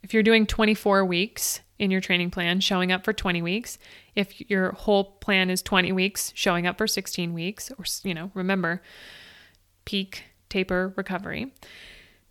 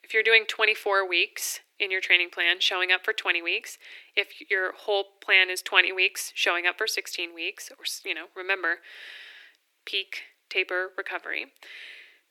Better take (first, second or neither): first